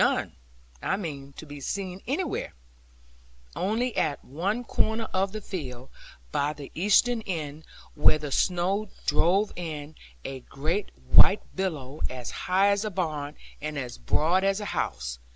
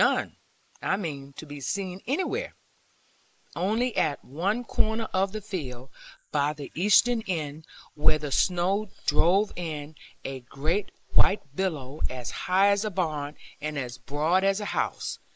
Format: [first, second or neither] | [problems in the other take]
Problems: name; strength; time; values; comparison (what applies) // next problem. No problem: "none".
first | noise reduction (neural mask model Resemble Enhance denoiser)